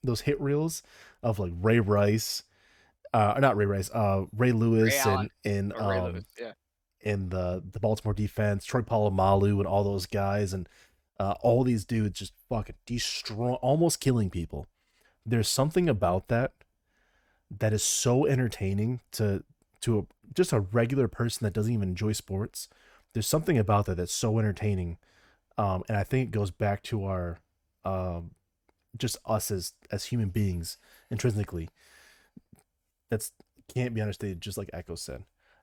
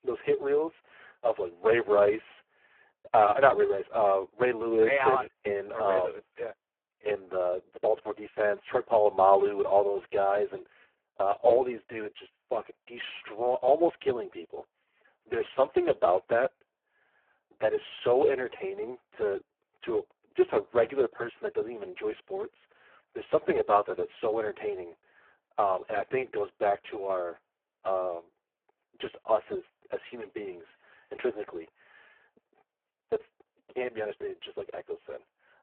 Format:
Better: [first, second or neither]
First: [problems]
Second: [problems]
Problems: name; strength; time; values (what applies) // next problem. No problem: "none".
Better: first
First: none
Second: phone-call audio; poor line